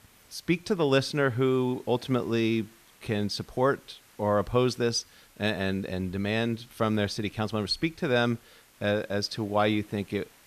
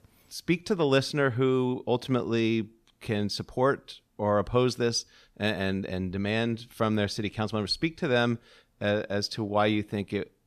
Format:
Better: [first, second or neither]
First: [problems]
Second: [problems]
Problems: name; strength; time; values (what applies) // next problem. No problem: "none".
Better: second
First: hiss; faint; throughout; 30 dB below the speech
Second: none